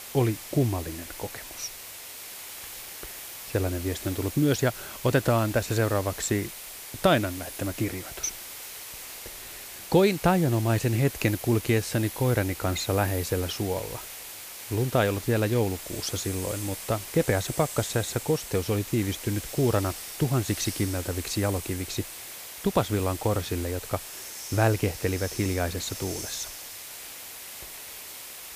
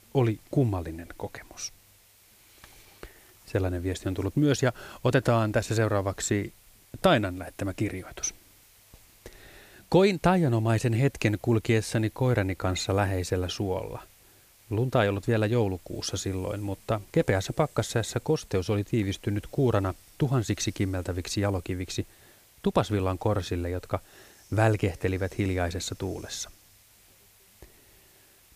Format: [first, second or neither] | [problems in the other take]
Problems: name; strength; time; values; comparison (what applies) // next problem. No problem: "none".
second | hiss; loud; throughout; 10 dB below the speech; faint in the second